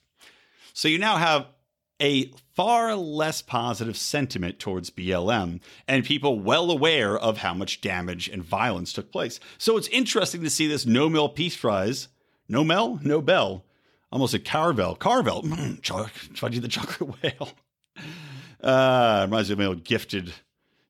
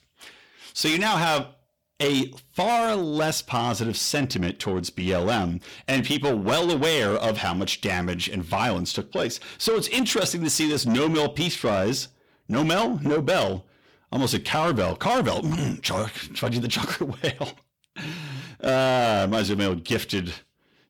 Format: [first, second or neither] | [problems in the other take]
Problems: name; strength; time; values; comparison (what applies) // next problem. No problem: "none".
first | distortion; heavy; 8 dB below the speech